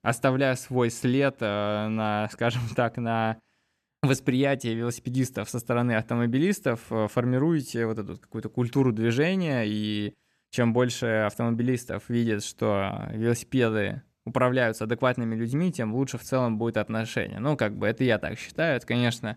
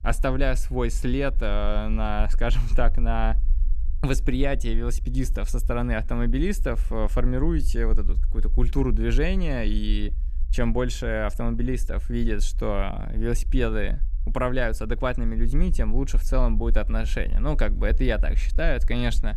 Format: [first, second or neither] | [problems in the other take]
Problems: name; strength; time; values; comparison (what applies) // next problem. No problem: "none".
first | low rumble; faint; throughout; 25 dB below the speech